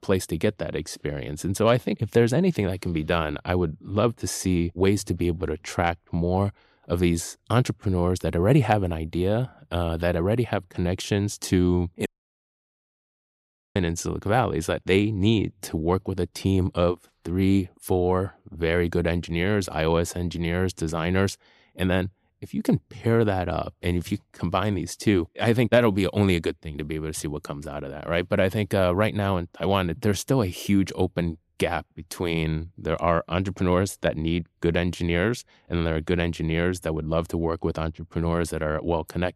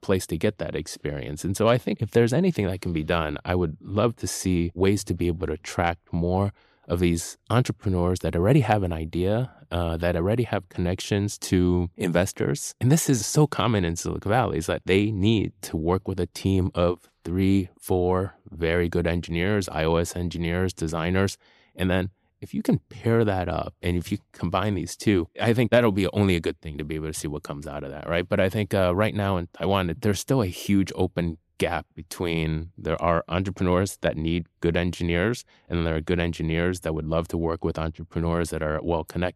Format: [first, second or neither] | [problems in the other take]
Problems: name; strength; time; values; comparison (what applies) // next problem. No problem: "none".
second | audio cutting out; at 12 s for 1.5 s